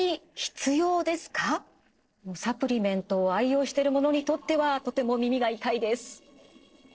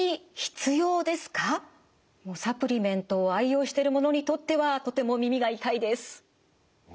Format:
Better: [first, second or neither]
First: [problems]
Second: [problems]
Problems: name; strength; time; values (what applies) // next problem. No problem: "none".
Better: second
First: noise reduction (neural separator model SepFormer DNS4)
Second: none